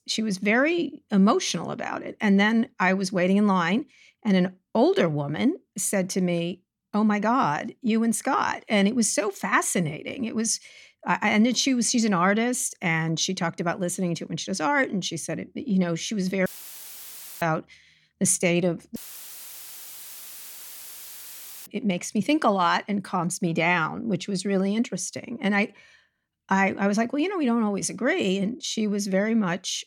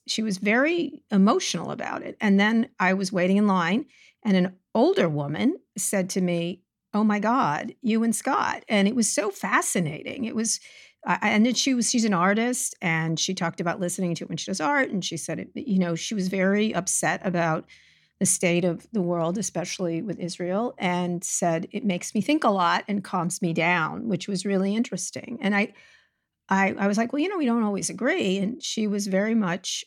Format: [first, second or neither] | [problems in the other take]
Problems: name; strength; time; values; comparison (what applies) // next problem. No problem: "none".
second | audio cutting out; filled with static; at 16 s for 1 s and at 19 s for 2.5 s